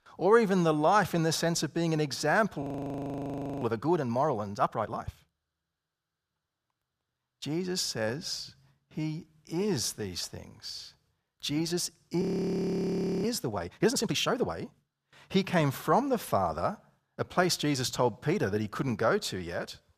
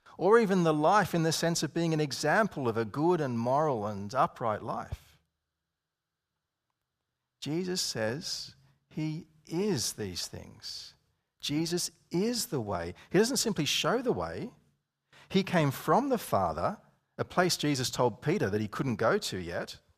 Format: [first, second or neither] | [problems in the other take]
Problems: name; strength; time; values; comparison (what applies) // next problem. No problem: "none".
second | audio freezing; at 2.5 s for 1 s and at 12 s for 1 s